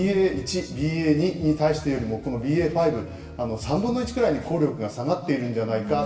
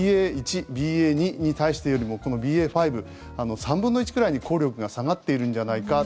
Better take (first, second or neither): second